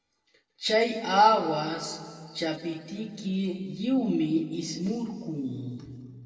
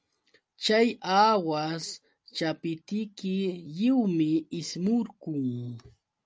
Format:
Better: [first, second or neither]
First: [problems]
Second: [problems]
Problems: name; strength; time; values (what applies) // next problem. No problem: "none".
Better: second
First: room echo; dies away in 2.1 s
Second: none